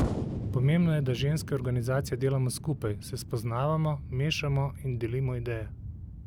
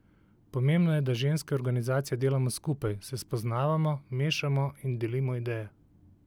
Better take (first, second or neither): second